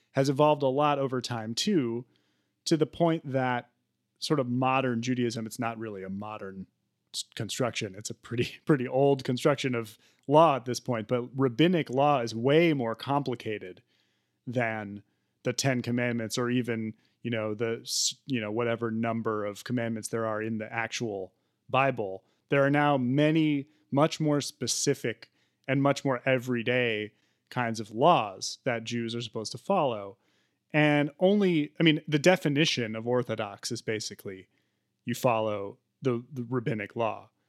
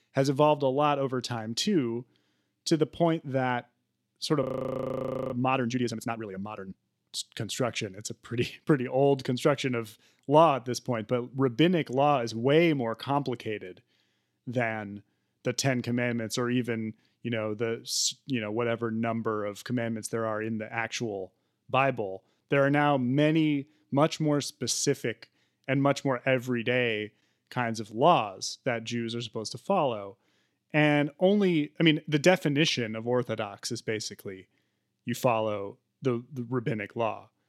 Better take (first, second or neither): first